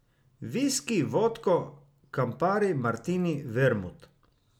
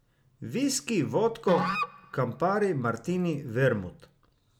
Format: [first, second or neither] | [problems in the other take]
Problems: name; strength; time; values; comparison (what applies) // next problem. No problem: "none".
first | background sound (Musical instrument); 7 dB below the speech